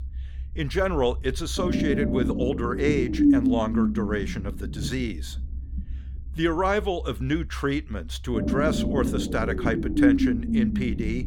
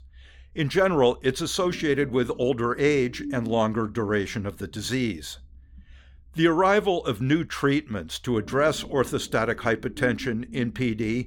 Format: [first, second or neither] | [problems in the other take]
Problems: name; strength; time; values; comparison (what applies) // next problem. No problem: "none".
second | low rumble; loud; throughout; 1 dB below the speech; faint in the second